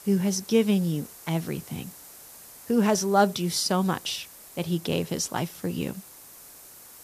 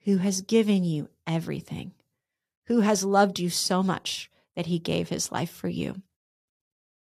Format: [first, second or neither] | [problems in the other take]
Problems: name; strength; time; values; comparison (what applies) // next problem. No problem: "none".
second | hiss; noticeable; throughout; 20 dB below the speech